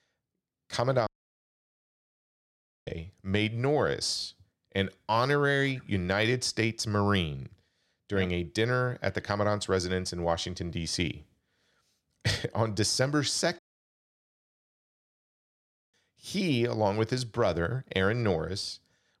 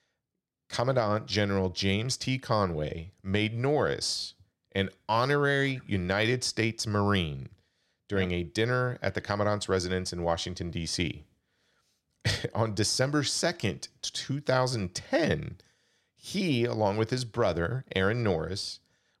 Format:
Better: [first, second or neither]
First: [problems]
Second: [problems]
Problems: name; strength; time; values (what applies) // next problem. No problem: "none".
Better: second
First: audio cutting out; at 1 s for 2 s and at 14 s for 2.5 s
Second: none